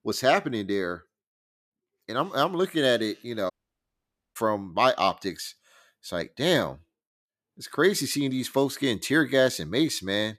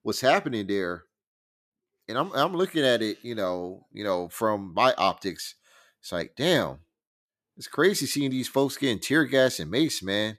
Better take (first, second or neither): second